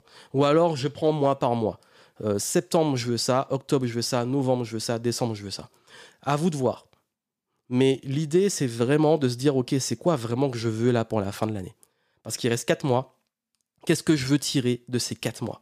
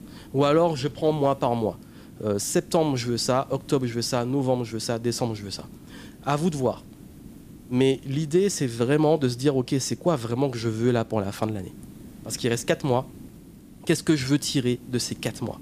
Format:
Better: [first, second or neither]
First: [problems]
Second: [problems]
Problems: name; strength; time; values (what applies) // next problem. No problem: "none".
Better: first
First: none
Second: hiss; faint; throughout; 20 dB below the speech